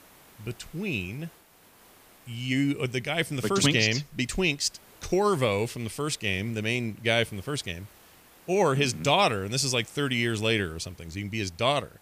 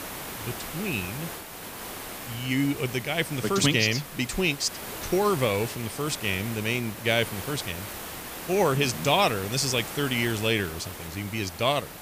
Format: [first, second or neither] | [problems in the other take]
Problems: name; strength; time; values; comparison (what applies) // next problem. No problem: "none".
first | hiss; loud; throughout; 10 dB below the speech; faint in the first